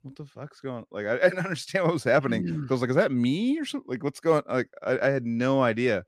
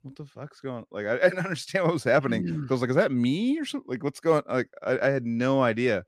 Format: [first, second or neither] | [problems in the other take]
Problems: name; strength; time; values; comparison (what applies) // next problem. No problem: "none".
neither | none